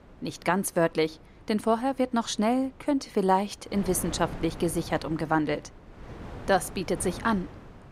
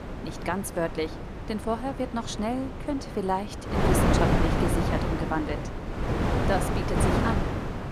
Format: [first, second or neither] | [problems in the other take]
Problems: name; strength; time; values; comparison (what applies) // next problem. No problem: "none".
first | wind noise on the microphone; heavy; 1 dB above the speech; occasional gusts in the first